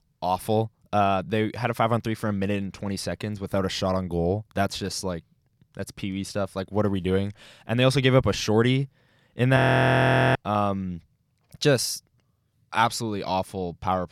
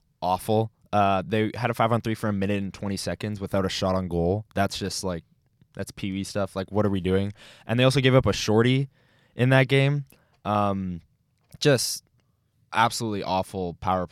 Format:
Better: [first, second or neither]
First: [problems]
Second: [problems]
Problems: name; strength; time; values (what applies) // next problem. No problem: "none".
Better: second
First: audio freezing; at 9.5 s for 1 s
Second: none